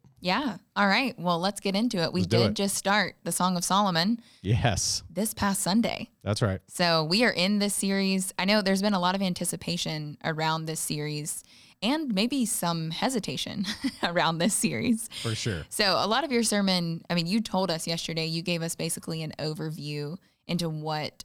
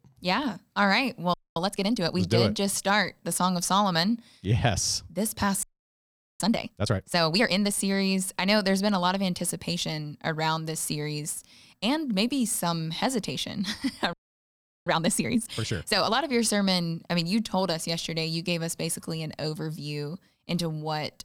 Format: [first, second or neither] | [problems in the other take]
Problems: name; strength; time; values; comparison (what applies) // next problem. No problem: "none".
first | audio freezing; at 1.5 s, at 5.5 s for 1 s and at 14 s for 0.5 s